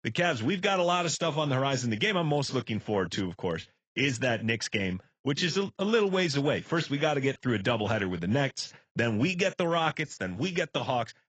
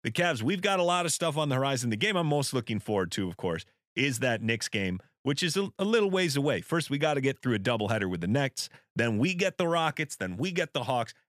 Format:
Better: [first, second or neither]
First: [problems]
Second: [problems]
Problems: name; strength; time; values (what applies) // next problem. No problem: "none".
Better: second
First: garbled, watery; badly; nothing above 7.5 kHz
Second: none